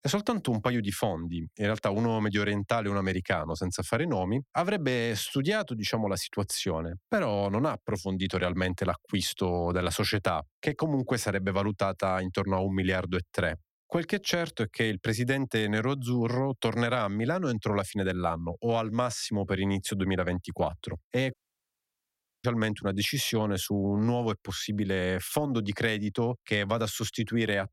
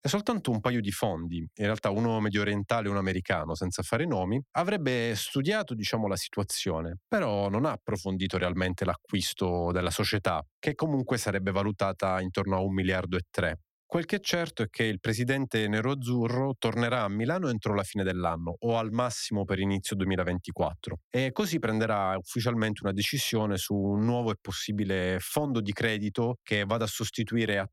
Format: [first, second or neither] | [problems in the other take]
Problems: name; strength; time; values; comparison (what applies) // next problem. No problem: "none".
second | audio cutting out; at 21 s for 1 s